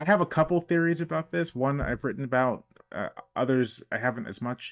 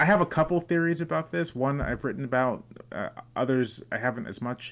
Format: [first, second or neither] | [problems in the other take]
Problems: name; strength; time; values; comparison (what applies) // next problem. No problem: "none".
second | noise reduction (neural mask model DeepFilterNet 3)